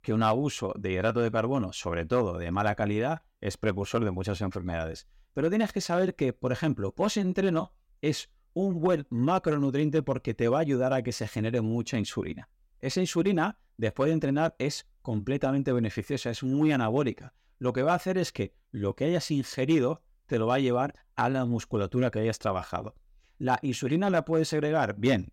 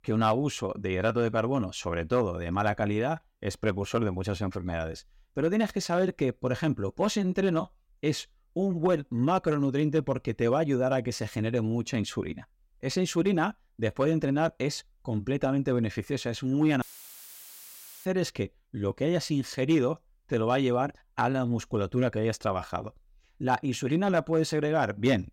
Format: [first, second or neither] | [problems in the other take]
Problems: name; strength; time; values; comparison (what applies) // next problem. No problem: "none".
first | audio cutting out; filled with static; at 17 s for 1 s